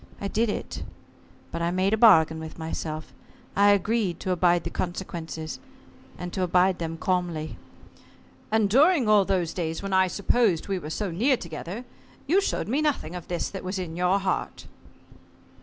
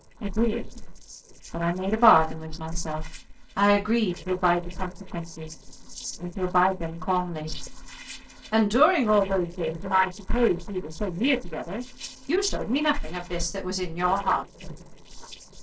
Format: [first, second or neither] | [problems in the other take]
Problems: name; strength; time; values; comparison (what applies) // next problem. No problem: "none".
first | noise reduction (neural separator model SepFormer DNS4)